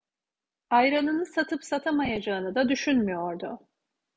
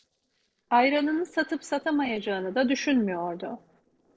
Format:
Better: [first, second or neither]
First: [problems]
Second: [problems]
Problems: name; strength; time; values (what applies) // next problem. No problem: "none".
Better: first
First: none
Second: noise reduction (neural separator model SepFormer DNS4)